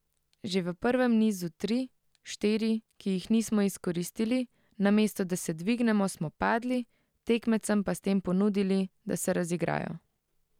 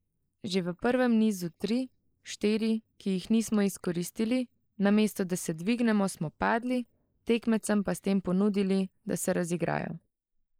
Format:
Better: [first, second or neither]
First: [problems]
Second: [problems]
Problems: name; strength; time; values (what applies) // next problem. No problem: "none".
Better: first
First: none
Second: noise reduction (neural mask model Resemble Enhance denoiser)